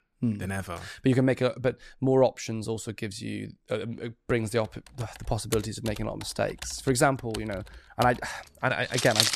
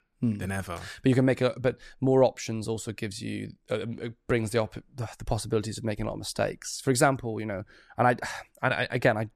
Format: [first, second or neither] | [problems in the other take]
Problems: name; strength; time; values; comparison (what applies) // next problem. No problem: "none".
second | household noises; loud; from 5 s on; 6 dB below the speech